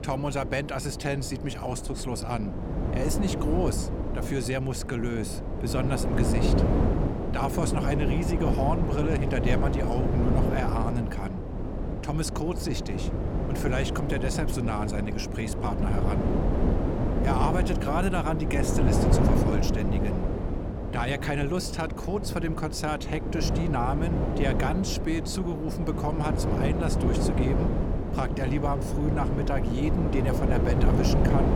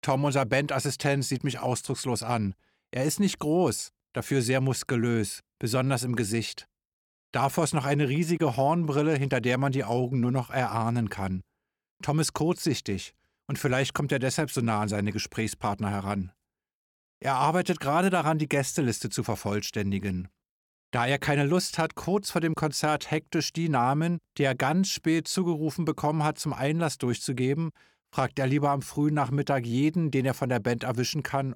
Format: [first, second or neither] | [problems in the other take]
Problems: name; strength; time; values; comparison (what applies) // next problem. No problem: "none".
second | wind noise on the microphone; heavy; 2 dB below the speech